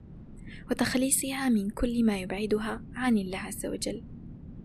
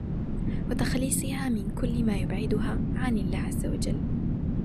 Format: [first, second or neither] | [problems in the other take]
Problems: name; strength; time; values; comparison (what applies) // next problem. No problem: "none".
first | low rumble; loud; throughout; 3 dB below the speech; faint in the first